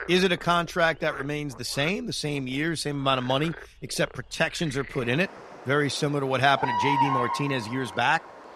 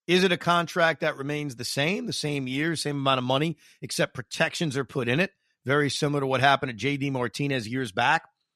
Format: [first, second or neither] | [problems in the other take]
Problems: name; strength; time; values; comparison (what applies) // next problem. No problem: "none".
second | animal sounds; loud; throughout; 7 dB below the speech